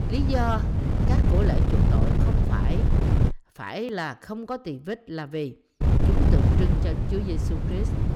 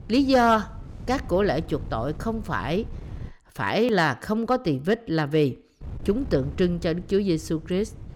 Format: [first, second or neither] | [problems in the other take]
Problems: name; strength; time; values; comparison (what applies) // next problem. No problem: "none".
second | wind noise on the microphone; heavy; until 3.5 s and from 6 s on; as loud as the speech; occasional gusts in the second